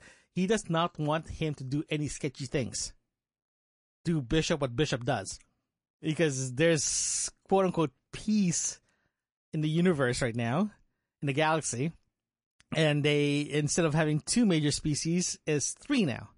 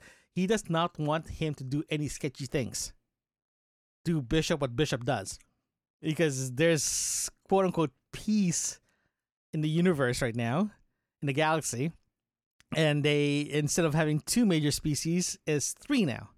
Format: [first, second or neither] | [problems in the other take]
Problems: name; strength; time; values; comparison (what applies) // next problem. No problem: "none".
second | garbled, watery; slightly; nothing above 10.5 kHz